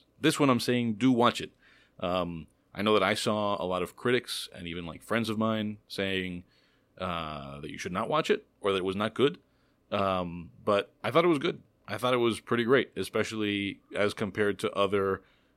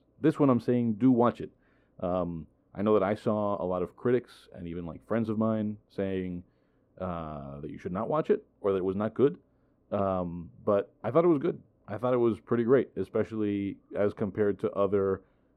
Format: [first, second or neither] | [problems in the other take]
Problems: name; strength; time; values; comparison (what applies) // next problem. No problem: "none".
first | muffled; very; fading above 1.5 kHz